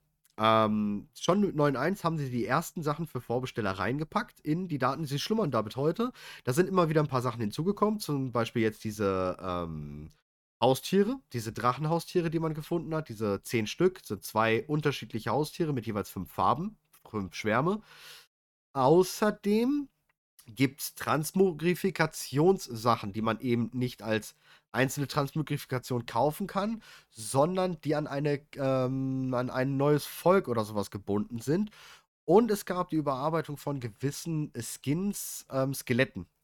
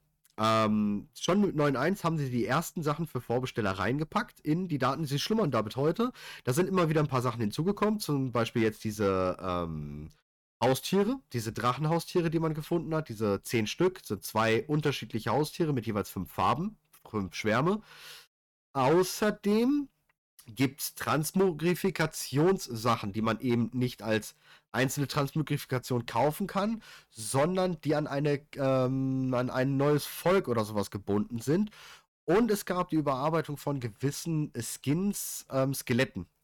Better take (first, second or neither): first